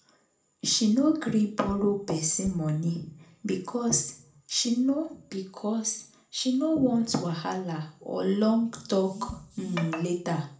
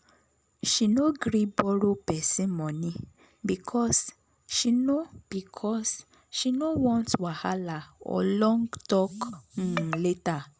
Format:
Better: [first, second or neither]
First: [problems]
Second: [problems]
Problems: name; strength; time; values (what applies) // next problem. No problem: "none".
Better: second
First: background sound (Bass drum); 19 dB below the speech // room echo; dies away in 0.4 s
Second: none